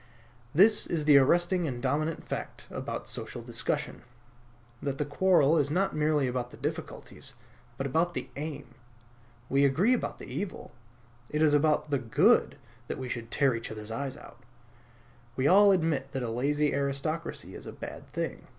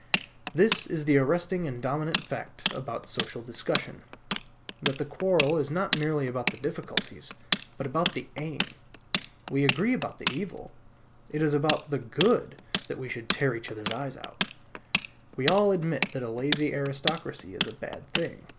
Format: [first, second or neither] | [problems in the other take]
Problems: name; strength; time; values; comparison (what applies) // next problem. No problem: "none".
first | background sound (Tools); 5 dB below the speech